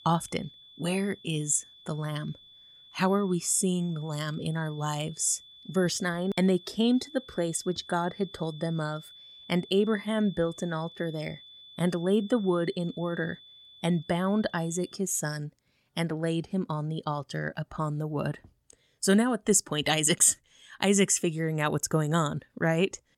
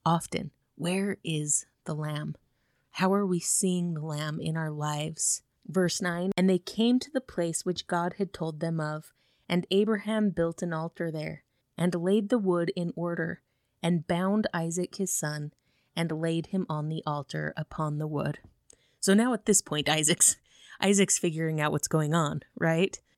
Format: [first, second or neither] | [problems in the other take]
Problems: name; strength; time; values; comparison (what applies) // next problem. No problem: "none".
second | high-pitched whine; faint; until 15 s; 3.5 kHz, 20 dB below the speech